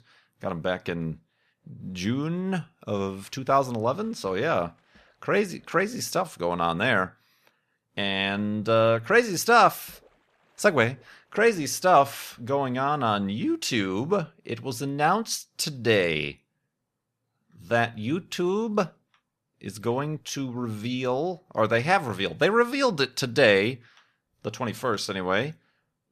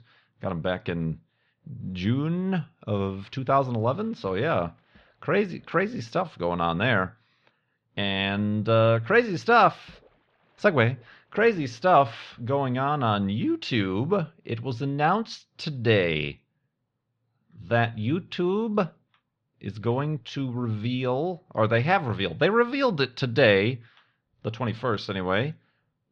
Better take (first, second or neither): first